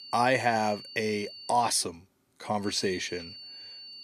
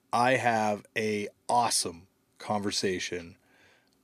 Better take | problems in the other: second | high-pitched whine; noticeable; until 1.5 s and from 2.5 s on; 4.5 kHz, 15 dB below the speech

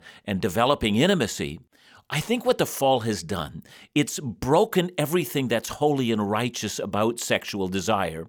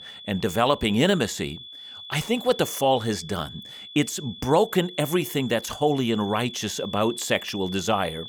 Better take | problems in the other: first | high-pitched whine; noticeable; throughout; 3.5 kHz, 15 dB below the speech

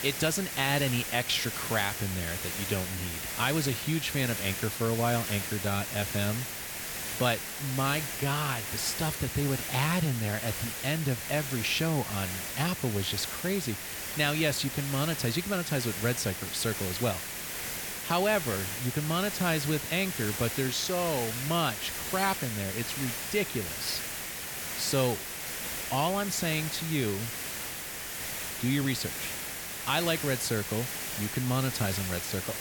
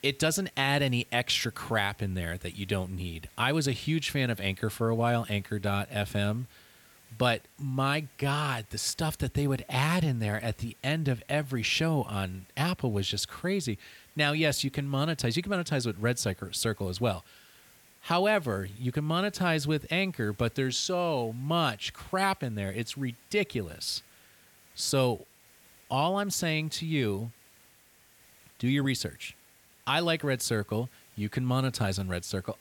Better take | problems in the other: second | hiss; loud; throughout; 3 dB below the speech; faint in the second

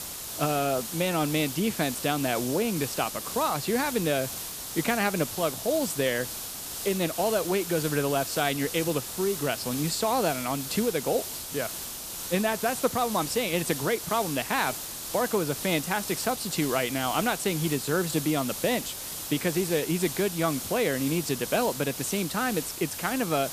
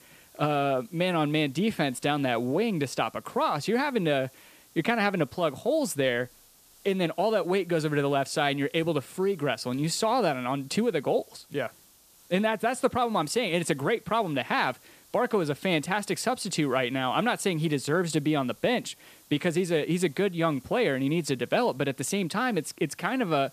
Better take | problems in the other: second | hiss; loud; throughout; 6 dB below the speech; faint in the second

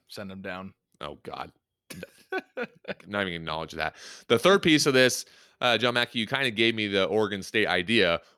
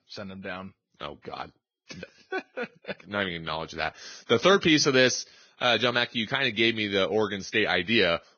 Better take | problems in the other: first | garbled, watery; badly; nothing above 6.5 kHz

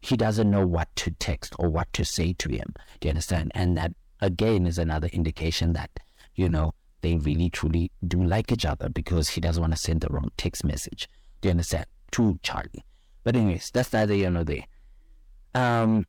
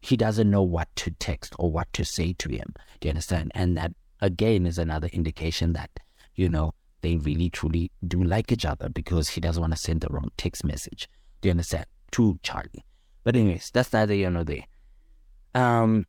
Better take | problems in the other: second | distortion; slight; 10 dB below the speech

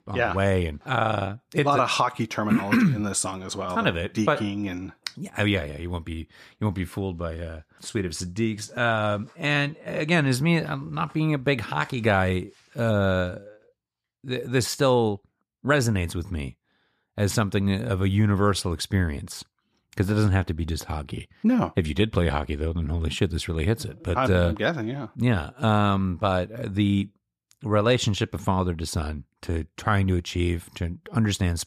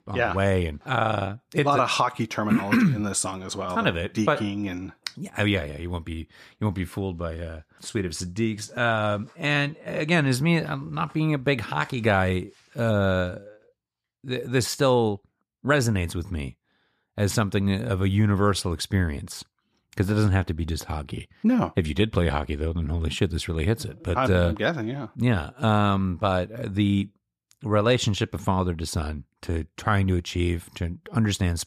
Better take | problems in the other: neither | none

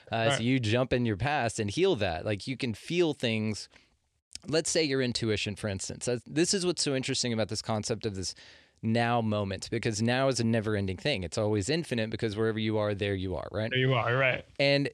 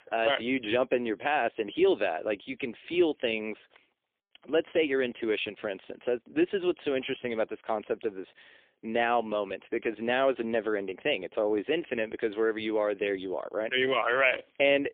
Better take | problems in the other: first | phone-call audio; poor line

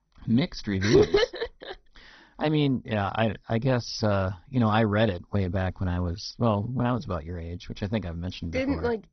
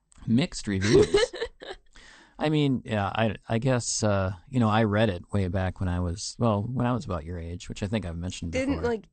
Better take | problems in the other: second | garbled, watery; badly; nothing above 6 kHz; slightly in the second

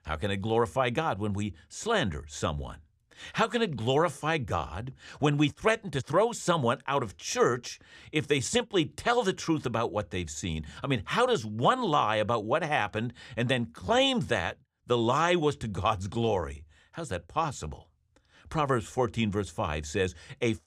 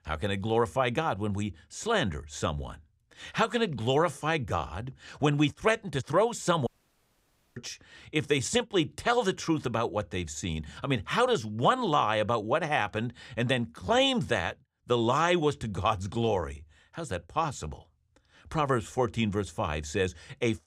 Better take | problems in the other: first | audio cutting out; at 6.5 s for 1 s

